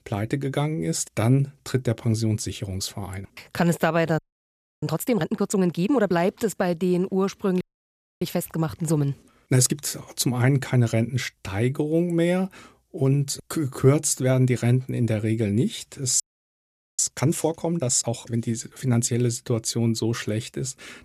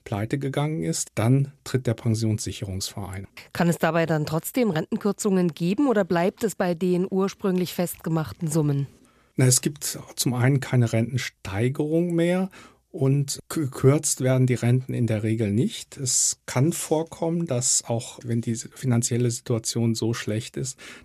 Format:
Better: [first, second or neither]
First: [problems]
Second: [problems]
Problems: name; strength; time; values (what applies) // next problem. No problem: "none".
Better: second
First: audio freezing; at 4 s for 0.5 s, at 7.5 s for 0.5 s and at 16 s for 1 s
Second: none